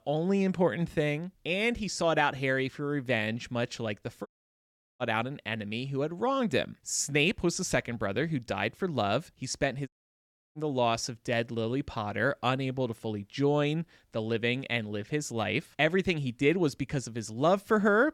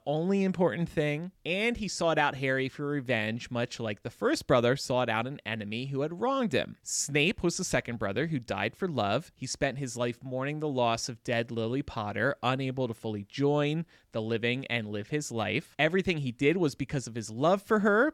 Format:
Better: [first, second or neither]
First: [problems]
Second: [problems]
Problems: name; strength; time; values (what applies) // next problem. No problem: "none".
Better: second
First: audio cutting out; at 4.5 s for 0.5 s and at 10 s for 0.5 s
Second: none